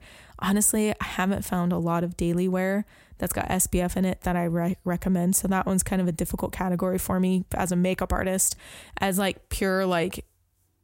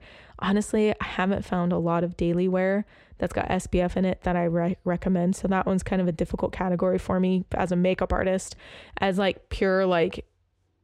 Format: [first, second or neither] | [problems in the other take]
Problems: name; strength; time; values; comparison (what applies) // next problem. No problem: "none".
first | muffled; slightly; fading above 3.5 kHz